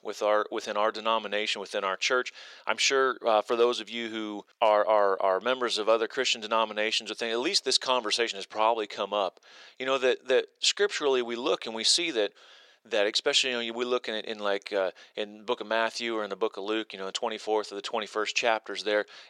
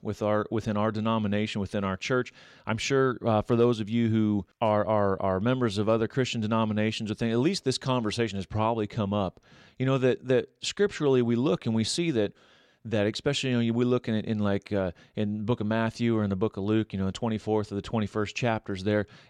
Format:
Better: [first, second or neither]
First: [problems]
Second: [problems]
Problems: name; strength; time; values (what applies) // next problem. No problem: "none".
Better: second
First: thin; very; fading below 450 Hz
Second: none